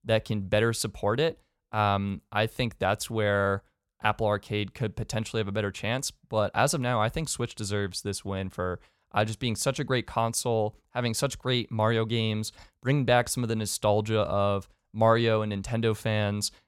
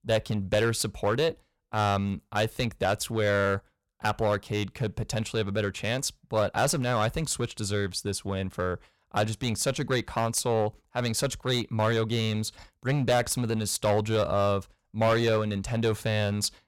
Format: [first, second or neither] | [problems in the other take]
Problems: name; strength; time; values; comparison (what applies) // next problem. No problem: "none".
first | distortion; slight; 7% of the sound clipped